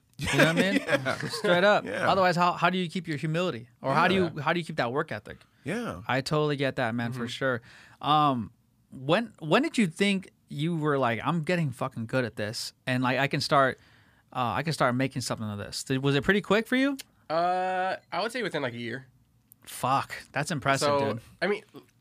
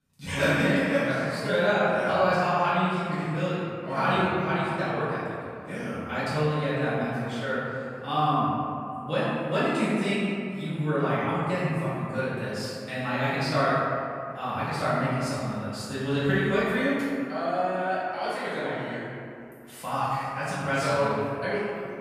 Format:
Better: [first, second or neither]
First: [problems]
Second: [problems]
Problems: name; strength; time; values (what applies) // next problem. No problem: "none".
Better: first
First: none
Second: off-mic speech; far // room echo; strong; dies away in 2.3 s